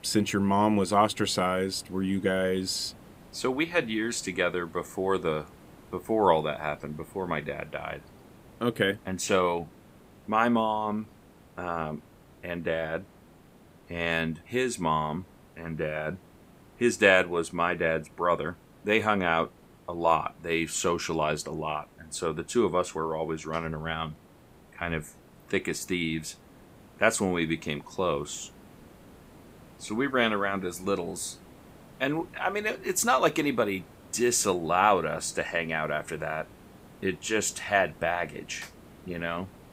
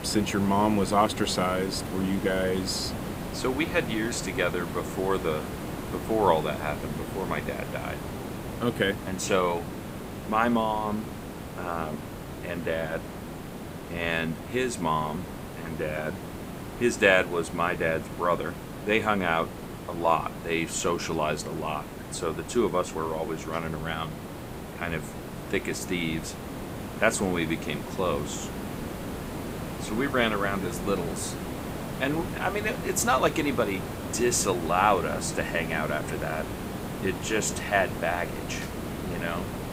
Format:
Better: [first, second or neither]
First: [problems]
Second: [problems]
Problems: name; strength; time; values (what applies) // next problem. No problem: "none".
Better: first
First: hiss; faint; throughout; 25 dB below the speech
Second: hiss; loud; throughout; 8 dB below the speech